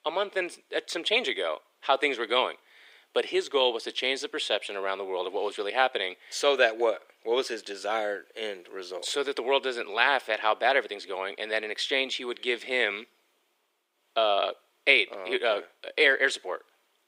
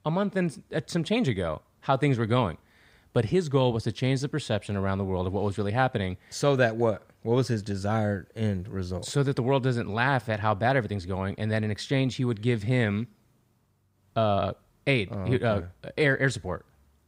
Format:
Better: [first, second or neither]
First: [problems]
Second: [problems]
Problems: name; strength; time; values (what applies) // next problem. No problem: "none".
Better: second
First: thin; very; fading below 350 Hz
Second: none